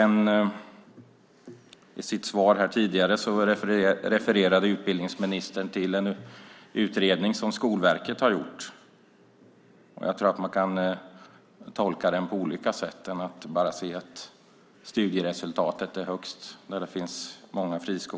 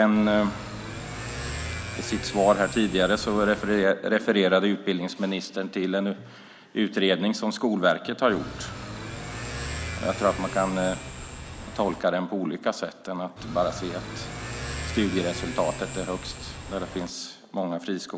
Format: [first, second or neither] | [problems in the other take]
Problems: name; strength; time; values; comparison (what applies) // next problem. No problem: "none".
first | background sound (Motorcycle / Accelerating, revving, vroom); 9 dB below the speech